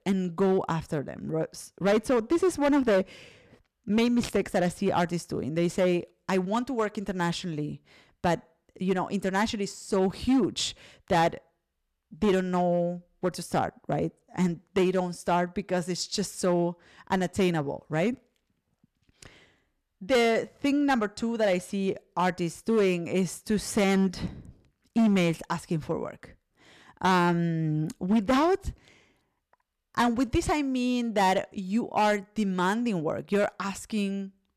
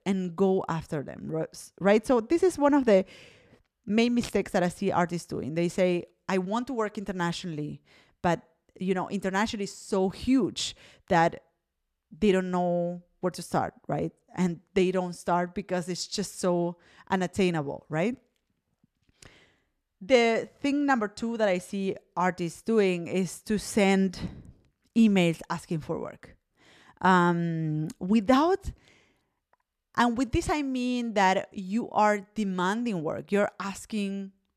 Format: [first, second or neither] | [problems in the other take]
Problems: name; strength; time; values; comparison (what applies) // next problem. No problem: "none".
second | distortion; slight; 5% of the sound clipped